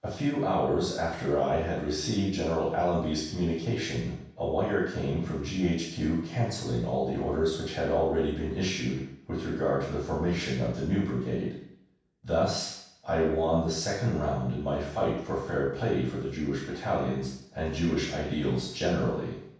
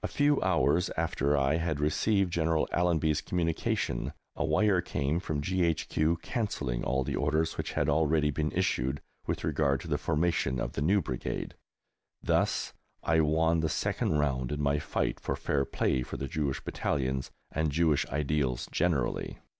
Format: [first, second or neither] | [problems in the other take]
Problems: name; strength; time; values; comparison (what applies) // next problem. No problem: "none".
second | room echo; dies away in 0.7 s